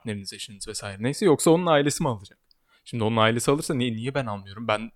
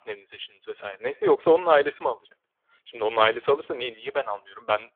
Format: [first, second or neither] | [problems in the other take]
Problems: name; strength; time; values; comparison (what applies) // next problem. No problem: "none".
first | phone-call audio; poor line; nothing above 3.5 kHz